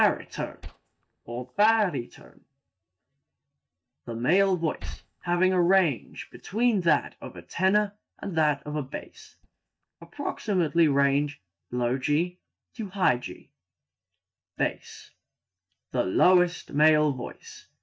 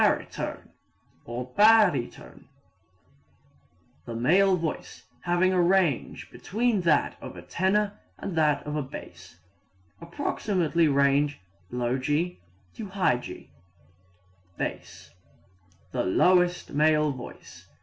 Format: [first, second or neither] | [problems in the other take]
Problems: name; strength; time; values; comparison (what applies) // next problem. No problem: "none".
second | noise reduction (neural mask model DeepFilterNet 3)